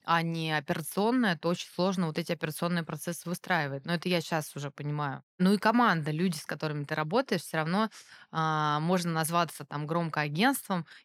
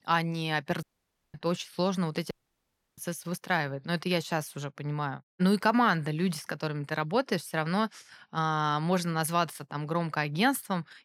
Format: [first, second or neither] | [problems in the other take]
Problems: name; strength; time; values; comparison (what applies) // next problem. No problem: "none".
first | audio cutting out; at 1 s for 0.5 s and at 2.5 s for 0.5 s